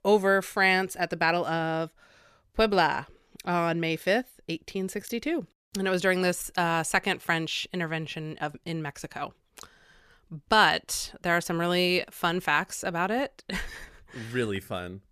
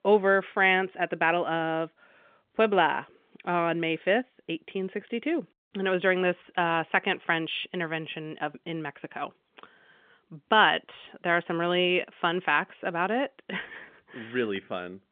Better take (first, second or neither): first